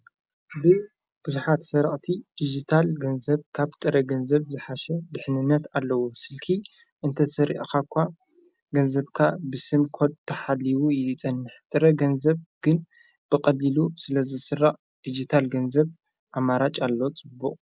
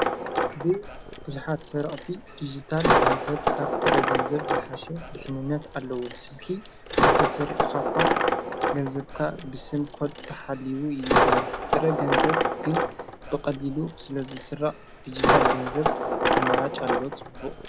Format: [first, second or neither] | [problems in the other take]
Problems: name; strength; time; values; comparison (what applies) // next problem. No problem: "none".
first | background sound (Coin (dropping)); 5 dB above the speech